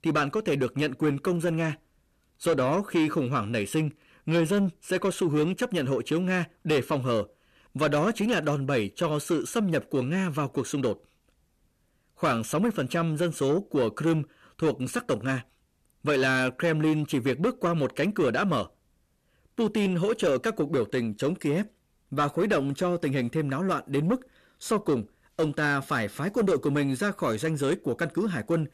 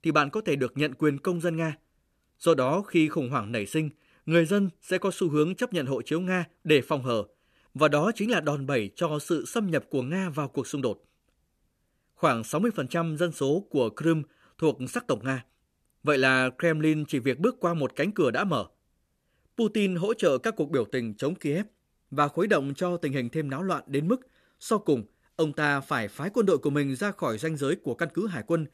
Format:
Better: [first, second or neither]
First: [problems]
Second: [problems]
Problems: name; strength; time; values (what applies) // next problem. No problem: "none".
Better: second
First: distortion; slight; 10 dB below the speech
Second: none